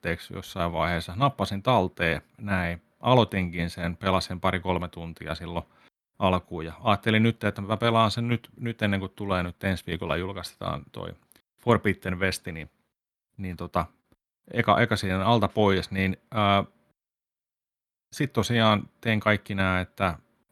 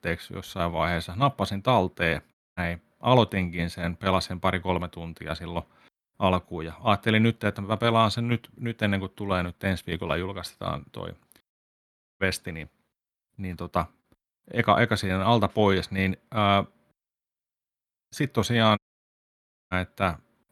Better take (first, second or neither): first